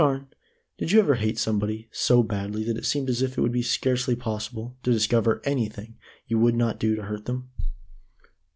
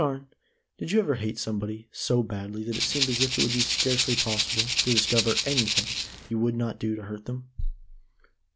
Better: first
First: none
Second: background sound (Rattle (instrument)); 2 dB above the speech

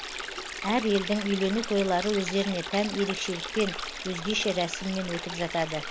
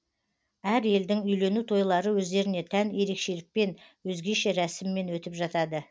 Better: second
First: background sound (Stream); 7 dB below the speech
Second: none

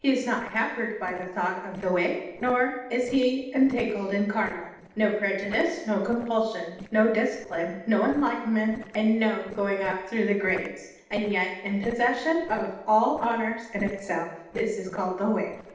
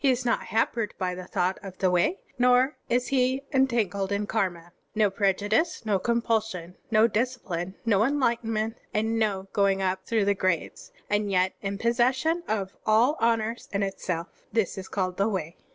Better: second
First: noise reduction (neural separator model SepFormer DNS4)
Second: none

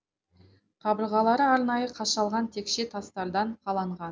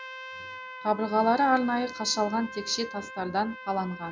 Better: first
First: none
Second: background sound (Trumpet); 13 dB below the speech

